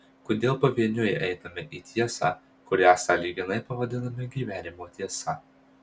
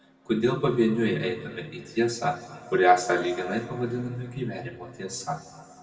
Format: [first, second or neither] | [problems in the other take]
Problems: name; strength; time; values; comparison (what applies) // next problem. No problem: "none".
first | room echo; dies away in 2.3 s